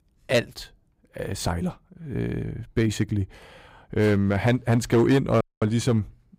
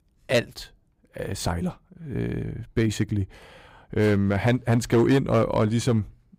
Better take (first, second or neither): second